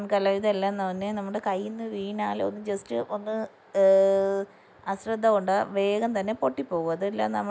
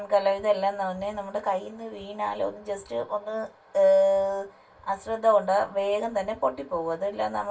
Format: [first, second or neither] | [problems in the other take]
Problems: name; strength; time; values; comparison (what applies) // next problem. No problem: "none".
first | room echo; dies away in 0.2 s